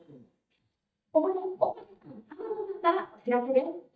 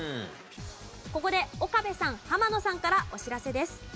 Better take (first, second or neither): second